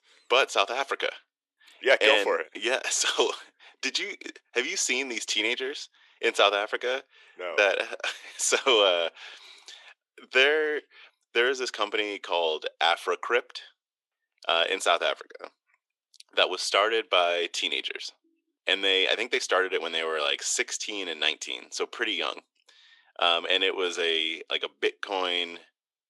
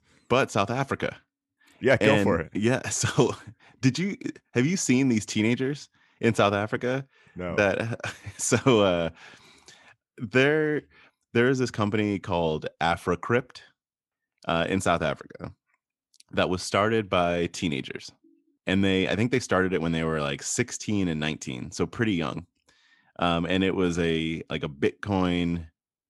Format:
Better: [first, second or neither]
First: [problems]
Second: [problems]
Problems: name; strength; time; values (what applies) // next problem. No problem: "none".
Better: second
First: thin; very; fading below 400 Hz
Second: none